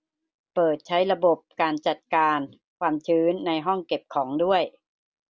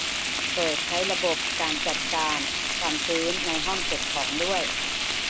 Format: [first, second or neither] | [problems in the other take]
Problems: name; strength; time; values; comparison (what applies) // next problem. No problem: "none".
first | background sound (Frying (food)); 4 dB above the speech